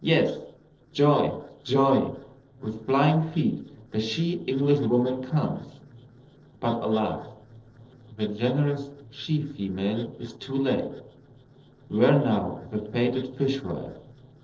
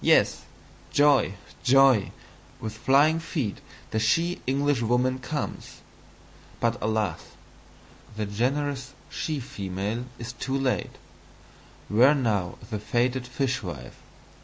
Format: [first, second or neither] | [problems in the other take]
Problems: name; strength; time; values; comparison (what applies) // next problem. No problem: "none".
second | noise reduction (neural separator model SepFormer DNS4)